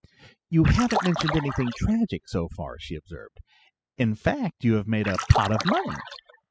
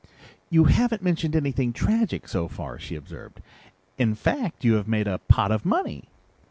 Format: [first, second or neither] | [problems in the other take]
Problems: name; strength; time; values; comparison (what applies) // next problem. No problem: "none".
second | noise reduction (classical method spectral subtraction)